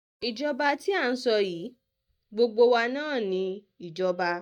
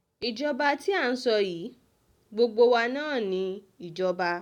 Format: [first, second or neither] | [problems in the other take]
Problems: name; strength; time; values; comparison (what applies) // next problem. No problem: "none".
second | noise reduction (neural mask model DeepFilterNet 3)